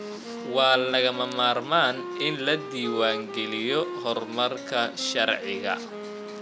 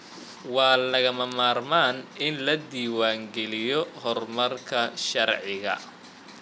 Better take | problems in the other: second | background sound (Wind instrument, woodwind instrument); 10 dB below the speech

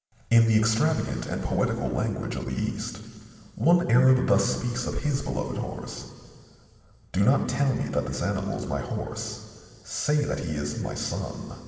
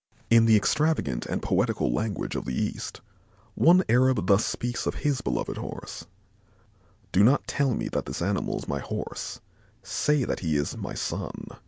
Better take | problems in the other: second | room echo; dies away in 2.3 s

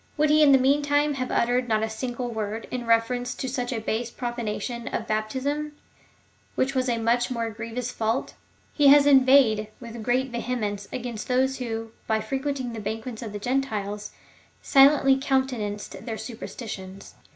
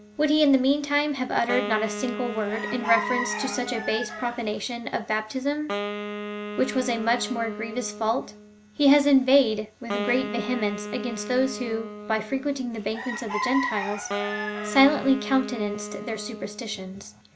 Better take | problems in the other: first | background sound (Wind instrument, woodwind instrument + Chicken, rooster); 8 dB below the speech

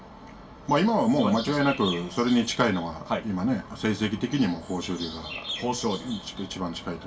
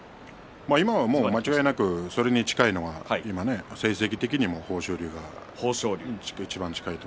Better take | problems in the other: second | background sound (Chirp, tweet); 14 dB below the speech // room echo; dies away in 0.2 s

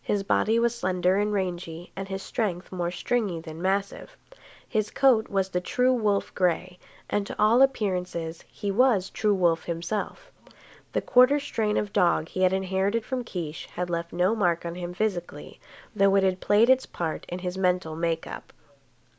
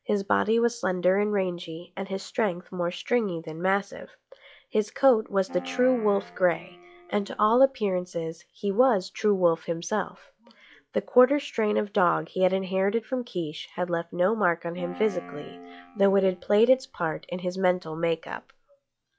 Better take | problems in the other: first | noise reduction (classical method log-MMSE)

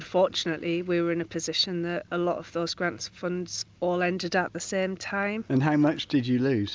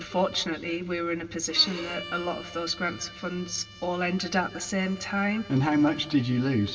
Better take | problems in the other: first | background sound (Bowed string instrument); 17 dB below the speech // room echo; dies away in 1.7 s

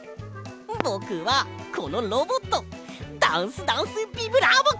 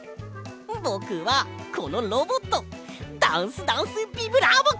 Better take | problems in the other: second | background sound (Fireworks); 19 dB below the speech

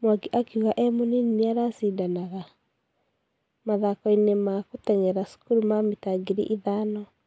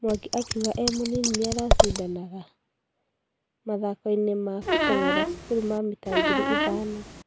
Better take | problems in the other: first | background sound (Scissors + Squeak); 3 dB above the speech

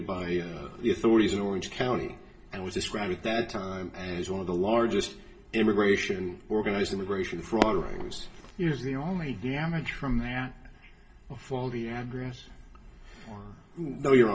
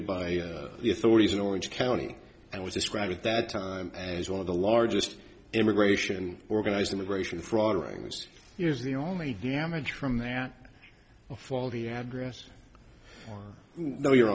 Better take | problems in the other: second | background sound (Fireworks); 2 dB below the speech // room echo; dies away in 0.2 s

